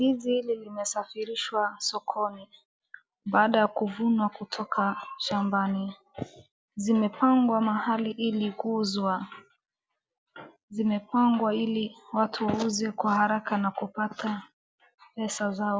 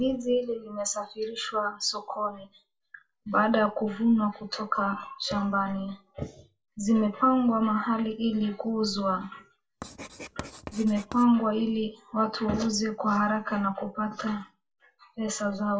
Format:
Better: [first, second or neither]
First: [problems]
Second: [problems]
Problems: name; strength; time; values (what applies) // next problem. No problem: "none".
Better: first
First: none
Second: background sound (Writing); 16 dB below the speech // room echo; dies away in 0.2 s